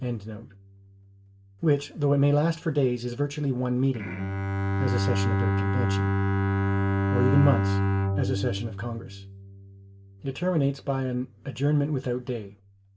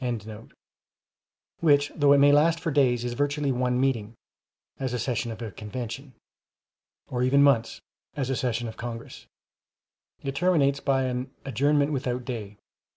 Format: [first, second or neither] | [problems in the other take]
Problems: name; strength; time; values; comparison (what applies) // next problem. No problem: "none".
second | background sound (Bowed string instrument); 1 dB below the speech // room echo; dies away in 0.1 s